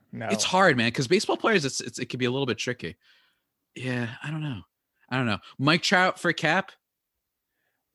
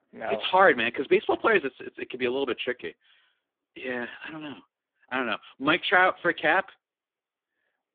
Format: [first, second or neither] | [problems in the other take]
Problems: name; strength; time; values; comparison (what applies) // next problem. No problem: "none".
first | phone-call audio; poor line